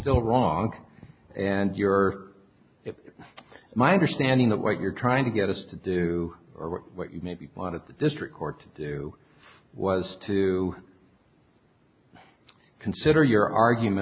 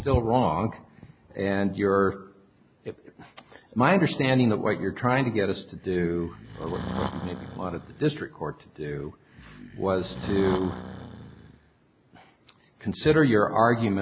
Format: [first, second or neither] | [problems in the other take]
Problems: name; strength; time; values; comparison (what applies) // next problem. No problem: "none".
first | background sound (Breathing); 11 dB below the speech